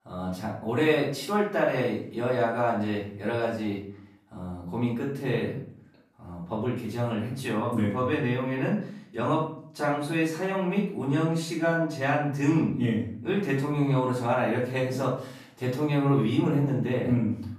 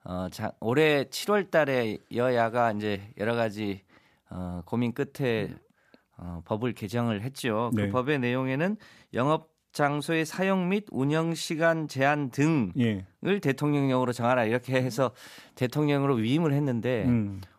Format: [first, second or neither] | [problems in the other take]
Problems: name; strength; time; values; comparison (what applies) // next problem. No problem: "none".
second | off-mic speech; far // room echo; noticeable; dies away in 0.5 s